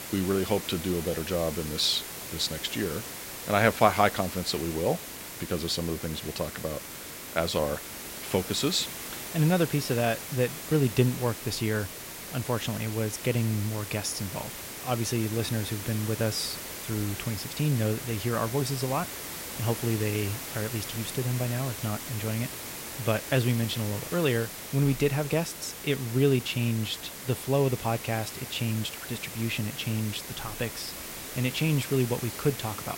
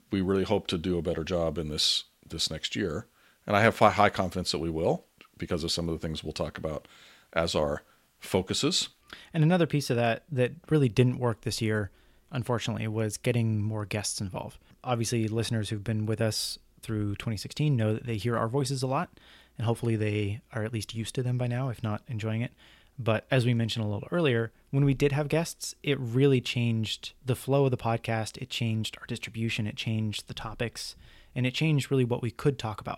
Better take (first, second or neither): second